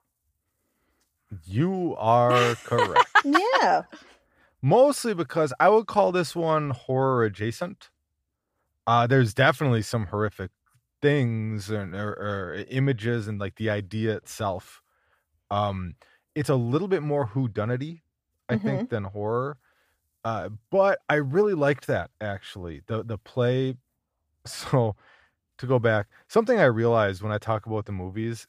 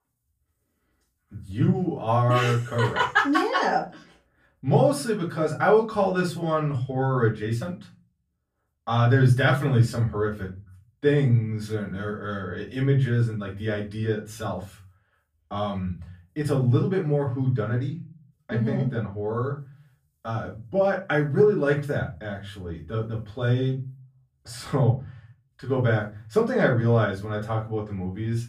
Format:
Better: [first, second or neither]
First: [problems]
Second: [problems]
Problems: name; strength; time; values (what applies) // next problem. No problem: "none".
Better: first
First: none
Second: off-mic speech; far // room echo; slight; dies away in 0.4 s